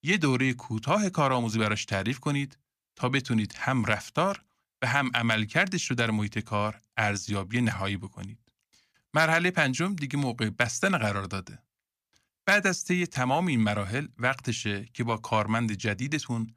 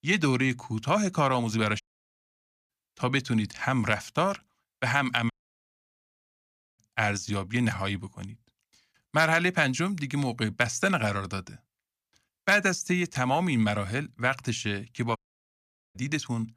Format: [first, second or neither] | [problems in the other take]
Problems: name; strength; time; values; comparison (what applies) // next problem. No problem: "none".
first | audio cutting out; at 2 s for 1 s, at 5.5 s for 1.5 s and at 15 s for 1 s